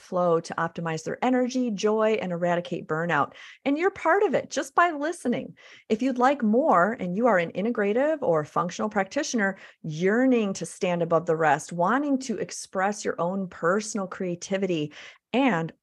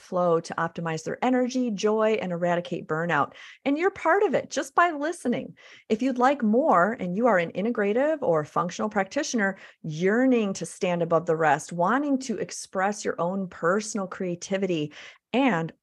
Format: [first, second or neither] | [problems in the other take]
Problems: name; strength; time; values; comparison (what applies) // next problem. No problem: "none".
neither | none